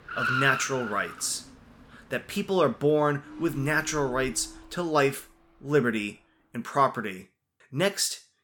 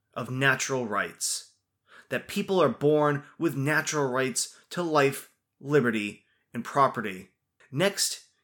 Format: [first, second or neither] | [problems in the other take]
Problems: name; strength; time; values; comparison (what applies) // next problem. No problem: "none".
second | traffic noise; loud; until 6.5 s; 7 dB below the speech